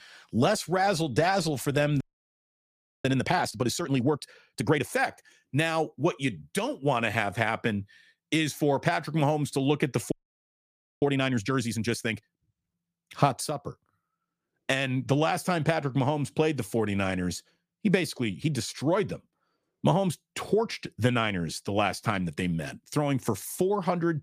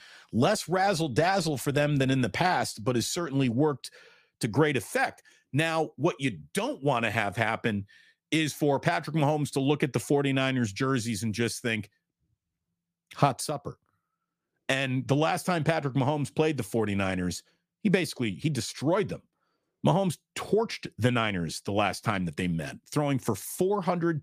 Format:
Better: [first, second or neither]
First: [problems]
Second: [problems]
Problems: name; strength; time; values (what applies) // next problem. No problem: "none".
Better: second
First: audio freezing; at 2 s for 1 s and at 10 s for 1 s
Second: none